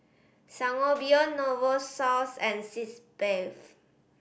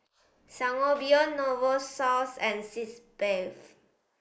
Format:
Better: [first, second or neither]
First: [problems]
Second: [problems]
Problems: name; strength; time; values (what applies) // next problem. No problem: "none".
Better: first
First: none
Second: noise reduction (neural mask model Resemble Enhance denoiser)